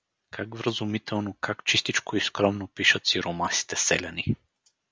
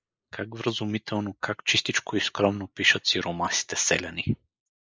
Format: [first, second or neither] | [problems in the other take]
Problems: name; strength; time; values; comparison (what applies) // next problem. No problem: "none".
first | noise reduction (neural mask model Resemble Enhance denoiser)